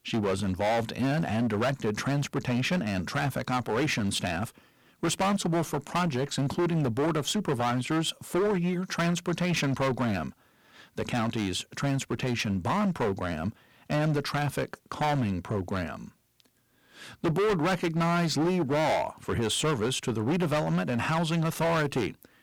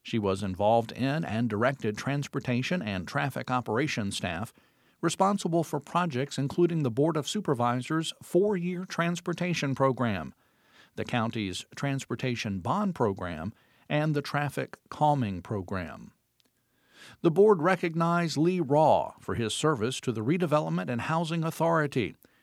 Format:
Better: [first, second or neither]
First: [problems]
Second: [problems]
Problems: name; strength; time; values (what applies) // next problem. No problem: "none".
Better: second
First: distortion; heavy; 16% of the sound clipped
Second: none